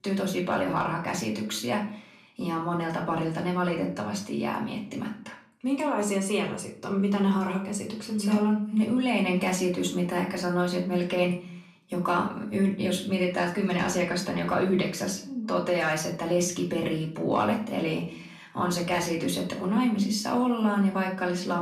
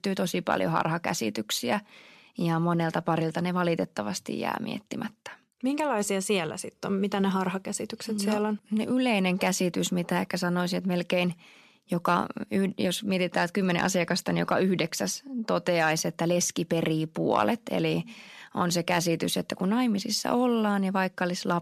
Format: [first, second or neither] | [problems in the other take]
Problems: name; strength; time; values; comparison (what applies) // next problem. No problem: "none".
second | off-mic speech; far // room echo; slight; dies away in 0.4 s